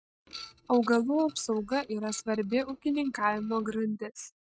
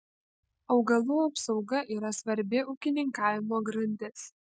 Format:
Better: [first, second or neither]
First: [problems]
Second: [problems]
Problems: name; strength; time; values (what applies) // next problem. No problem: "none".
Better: second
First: noise reduction (neural mask model RNNoise)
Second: none